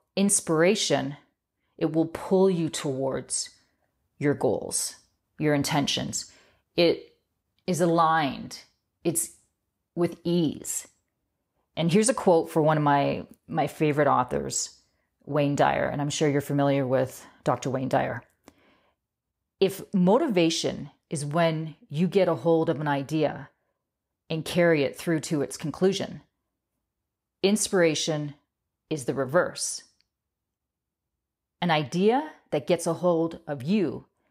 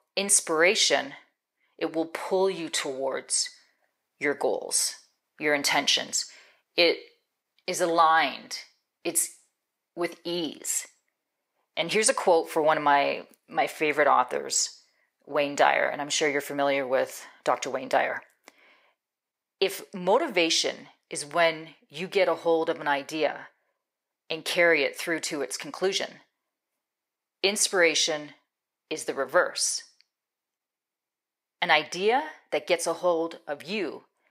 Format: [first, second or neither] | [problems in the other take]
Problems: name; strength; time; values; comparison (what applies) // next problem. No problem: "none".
first | thin; somewhat; fading below 450 Hz